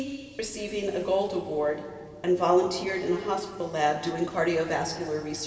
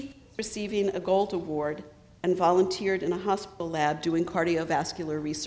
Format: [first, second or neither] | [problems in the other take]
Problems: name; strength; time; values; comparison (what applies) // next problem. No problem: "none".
second | room echo; dies away in 2.4 s